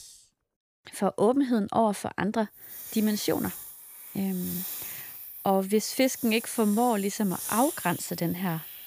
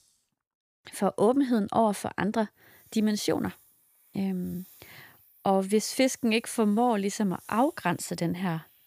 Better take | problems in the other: second | hiss; loud; throughout; 9 dB below the speech; faint in the second

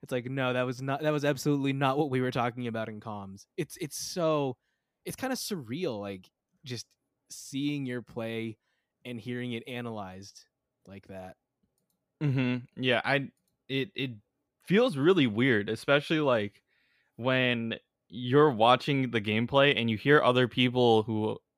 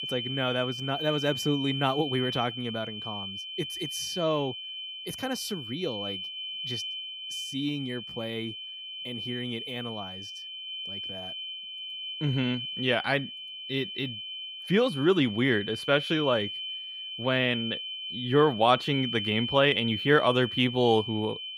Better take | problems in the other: first | high-pitched whine; loud; throughout; 3 kHz, 6 dB below the speech

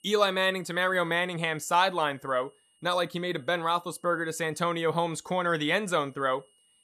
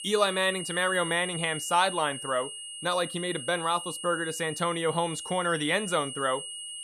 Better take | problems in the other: first | high-pitched whine; loud; throughout; 3 kHz, 8 dB below the speech; faint in the first

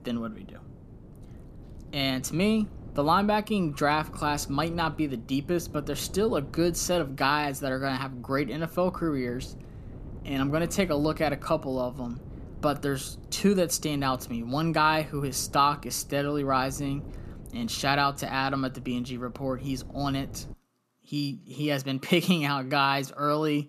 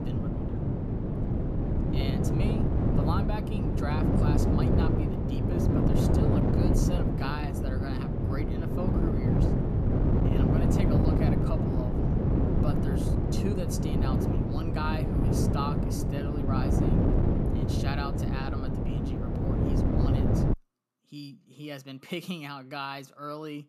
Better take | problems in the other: first | wind noise on the microphone; heavy; until 21 s; 4 dB above the speech; occasional gusts in the first

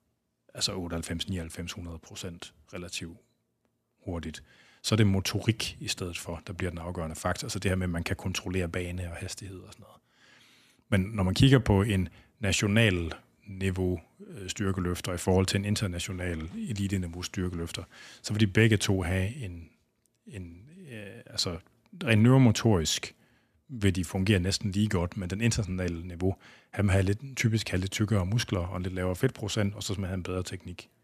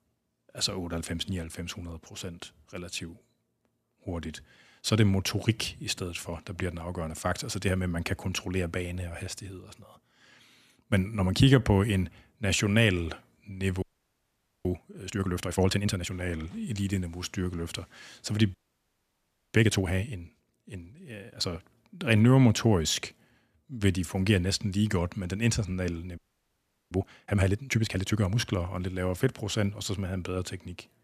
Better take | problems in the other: first | audio freezing; at 14 s for 1 s, at 19 s for 1 s and at 26 s for 0.5 s

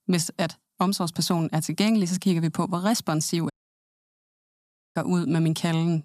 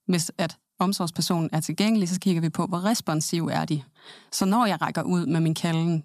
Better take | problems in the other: second | audio cutting out; at 3.5 s for 1.5 s

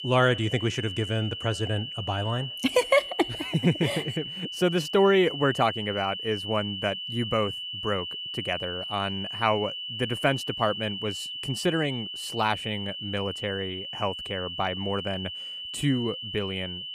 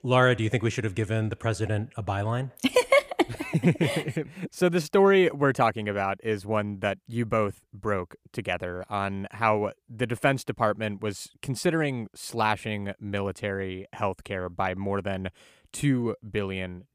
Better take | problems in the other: second | high-pitched whine; loud; throughout; 3 kHz, 6 dB below the speech

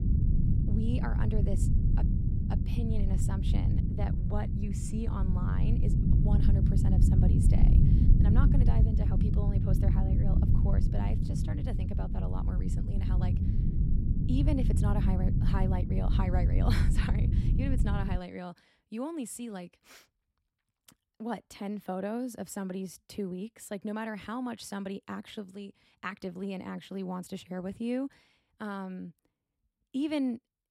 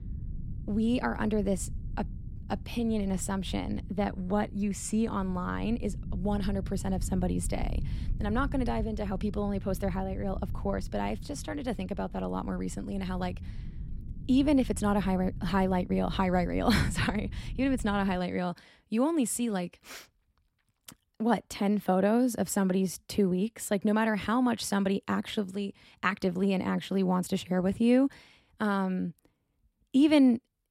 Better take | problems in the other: second | low rumble; loud; until 18 s; 1 dB below the speech; faint in the second

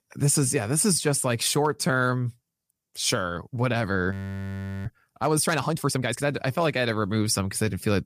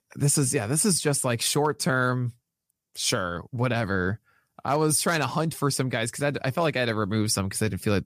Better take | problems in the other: second | audio freezing; at 4 s for 0.5 s

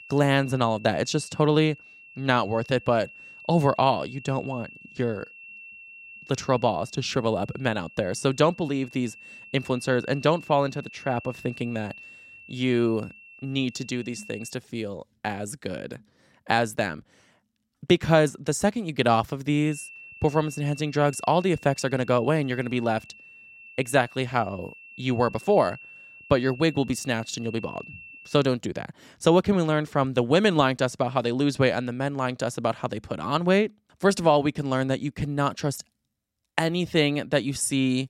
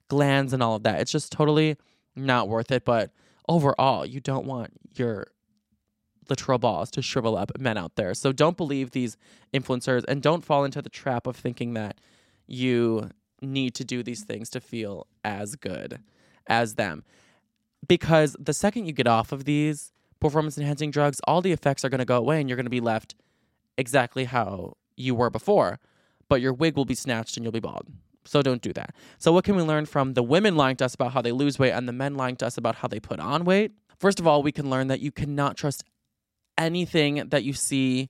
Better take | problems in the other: second | high-pitched whine; noticeable; until 15 s and from 20 to 28 s; 2.5 kHz, 20 dB below the speech

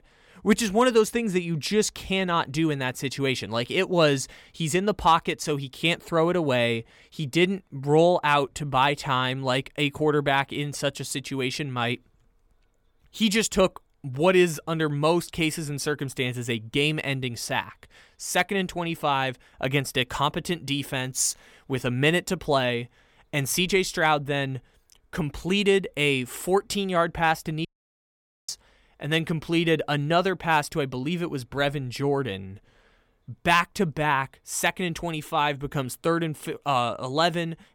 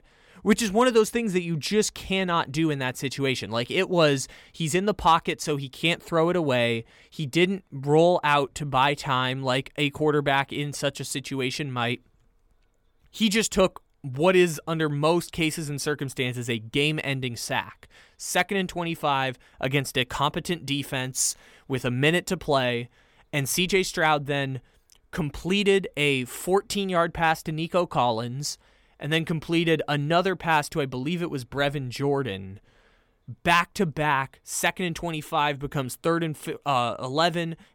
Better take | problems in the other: second | audio cutting out; at 28 s for 1 s

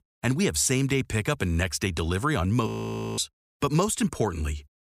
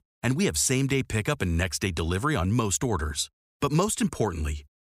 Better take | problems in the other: second | audio freezing; at 2.5 s for 0.5 s

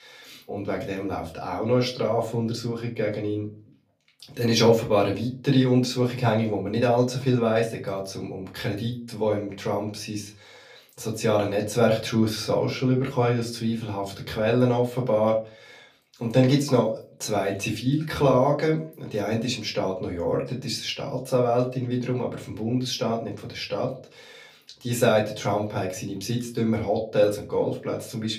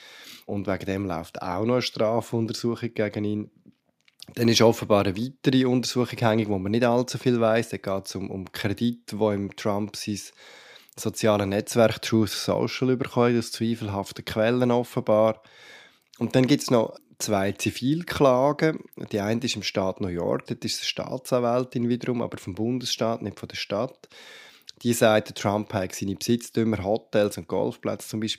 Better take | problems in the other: second | off-mic speech; far // room echo; very slight; dies away in 0.3 s

